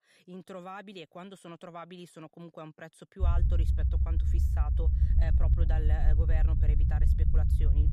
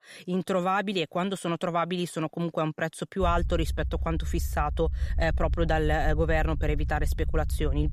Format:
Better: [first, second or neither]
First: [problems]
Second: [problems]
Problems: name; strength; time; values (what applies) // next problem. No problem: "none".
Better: second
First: low rumble; loud; from 3 s on; 1 dB below the speech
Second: low rumble; faint; from 3 s on; 20 dB below the speech